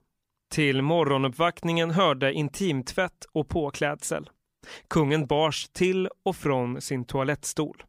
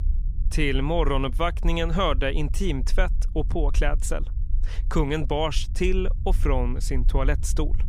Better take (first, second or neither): first